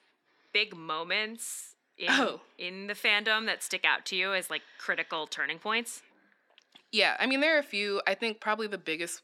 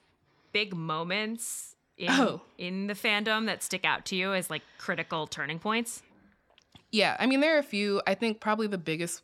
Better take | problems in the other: second | thin; very slightly; fading below 250 Hz

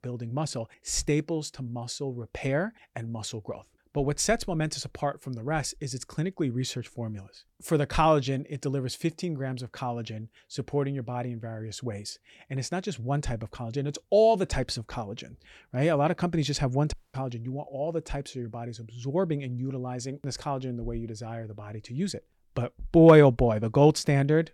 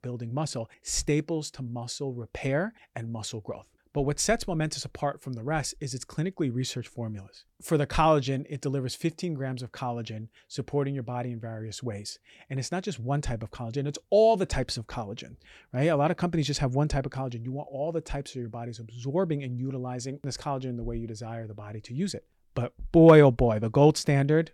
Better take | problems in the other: second | audio cutting out; at 17 s

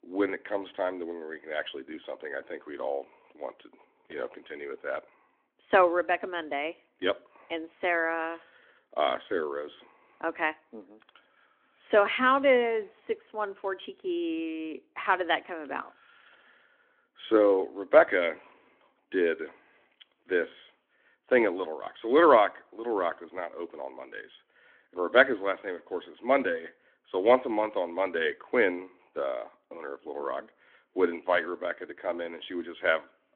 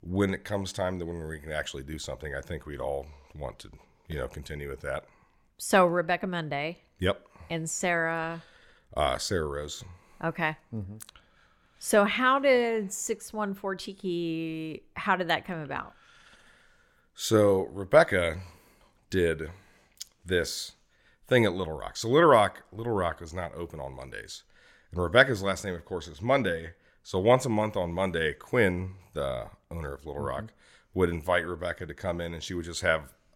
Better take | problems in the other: second | phone-call audio

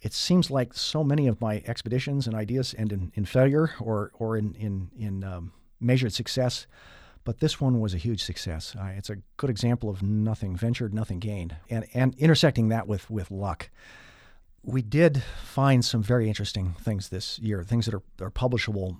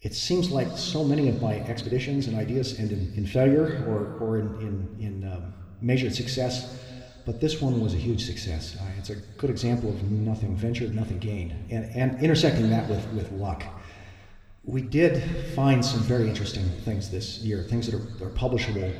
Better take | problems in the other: first | room echo; slight; dies away in 2 s // off-mic speech; somewhat distant

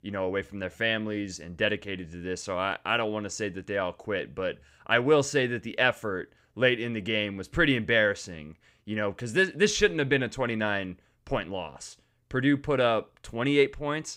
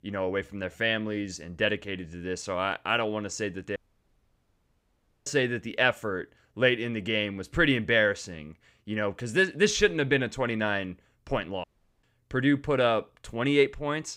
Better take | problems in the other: first | audio cutting out; at 4 s for 1.5 s and at 12 s

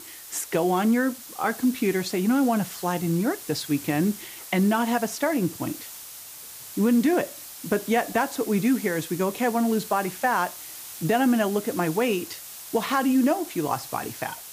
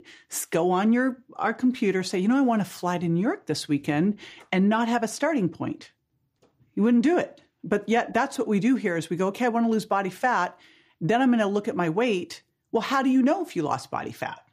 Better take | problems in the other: second | hiss; noticeable; throughout; 15 dB below the speech

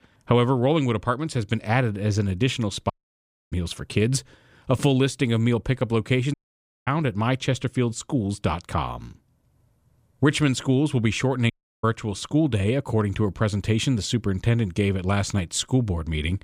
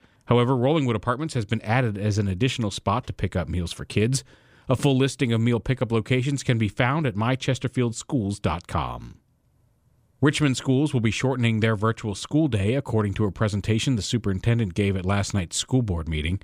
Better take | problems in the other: second | audio cutting out; at 3 s for 0.5 s, at 6.5 s for 0.5 s and at 12 s

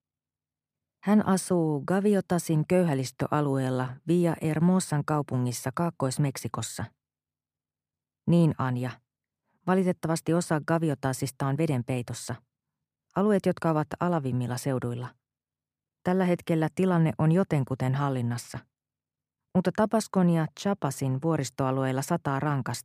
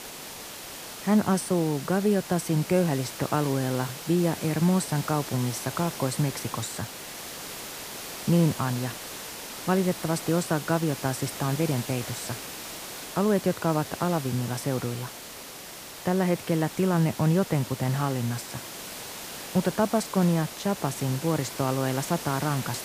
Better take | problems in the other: first | hiss; loud; throughout; 10 dB below the speech

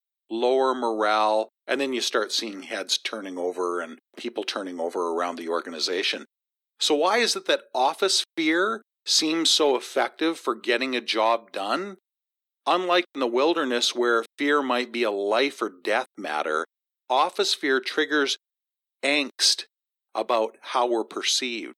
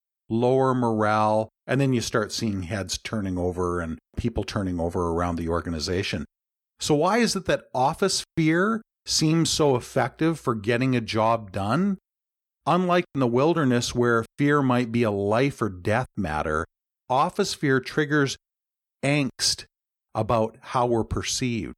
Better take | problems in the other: second | thin; somewhat; fading below 300 Hz

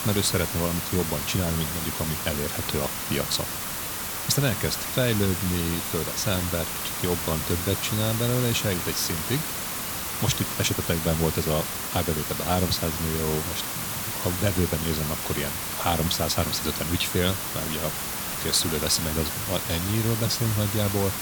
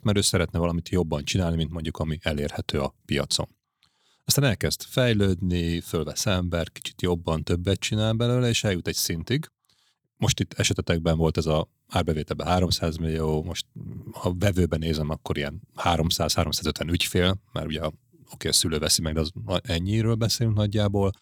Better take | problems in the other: second | hiss; loud; throughout; 1 dB below the speech

